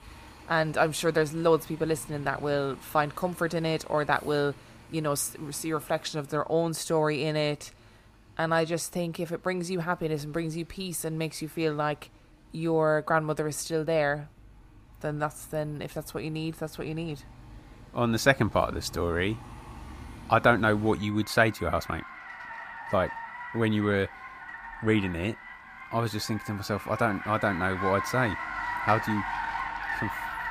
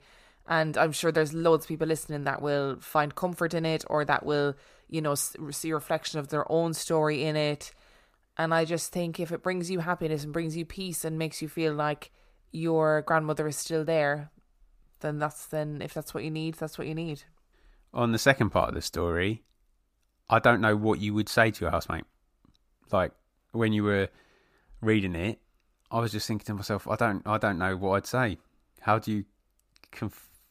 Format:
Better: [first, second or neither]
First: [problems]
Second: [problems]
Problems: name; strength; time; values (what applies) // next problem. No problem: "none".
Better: second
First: traffic noise; noticeable; throughout; 10 dB below the speech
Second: none